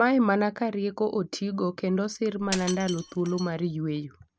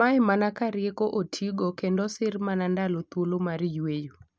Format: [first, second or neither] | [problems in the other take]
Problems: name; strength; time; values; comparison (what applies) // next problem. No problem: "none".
second | background sound (Shatter); 14 dB below the speech